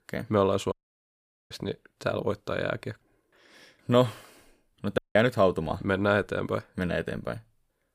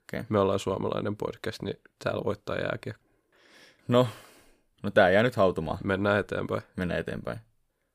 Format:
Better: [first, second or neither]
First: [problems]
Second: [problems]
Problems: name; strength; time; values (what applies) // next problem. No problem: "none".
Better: second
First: audio cutting out; at 0.5 s for 1 s and at 5 s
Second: none